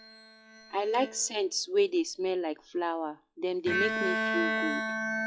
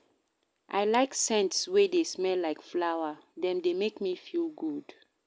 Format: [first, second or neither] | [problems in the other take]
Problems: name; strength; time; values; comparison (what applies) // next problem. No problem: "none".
second | noise reduction (classical method log-MMSE)